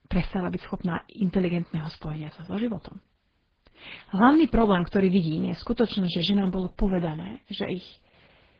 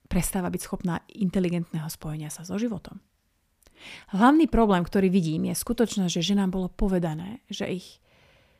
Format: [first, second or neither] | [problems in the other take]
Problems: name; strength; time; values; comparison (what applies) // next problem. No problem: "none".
second | garbled, watery; badly